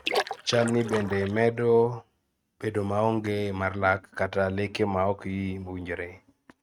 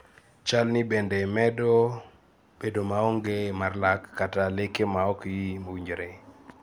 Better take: second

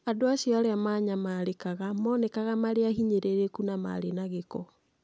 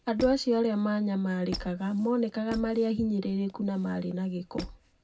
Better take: first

